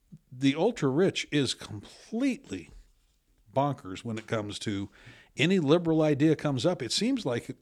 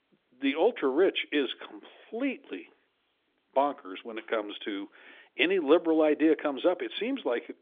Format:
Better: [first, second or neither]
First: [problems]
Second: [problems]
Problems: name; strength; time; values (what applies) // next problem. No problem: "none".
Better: first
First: none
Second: phone-call audio; nothing above 3.5 kHz